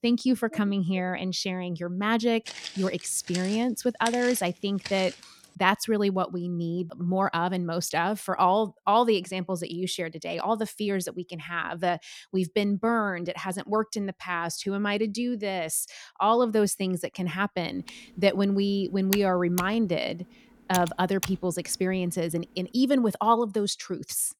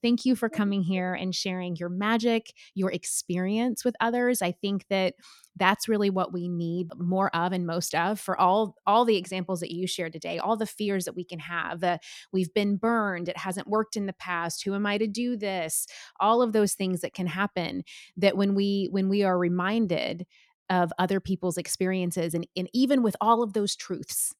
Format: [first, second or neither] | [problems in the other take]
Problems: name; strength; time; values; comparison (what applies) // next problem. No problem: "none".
second | footsteps; noticeable; from 2.5 to 5 s; peak 7 dB below the speech // keyboard typing; noticeable; from 18 to 21 s; peak 6 dB below the speech